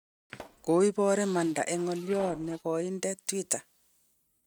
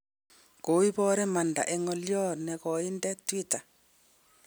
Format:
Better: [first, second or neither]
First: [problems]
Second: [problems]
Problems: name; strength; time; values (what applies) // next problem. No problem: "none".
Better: second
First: noise reduction (neural mask model RNNoise)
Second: none